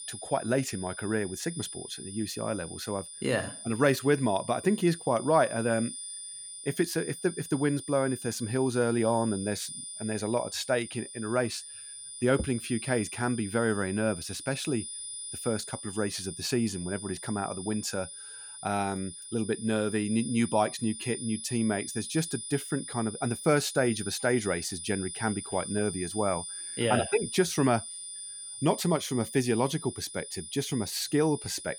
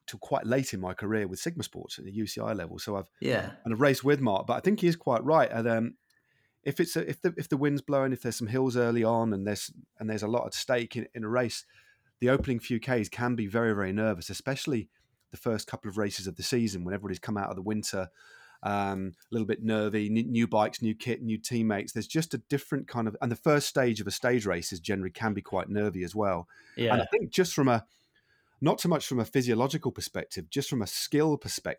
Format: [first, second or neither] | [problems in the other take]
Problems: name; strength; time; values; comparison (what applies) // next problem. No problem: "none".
second | high-pitched whine; loud; throughout; 9.5 kHz, 9 dB below the speech